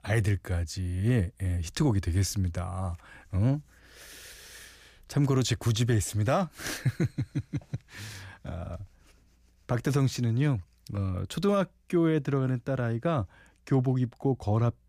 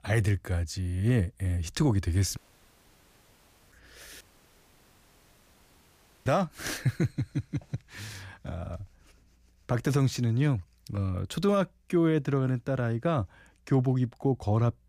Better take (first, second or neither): first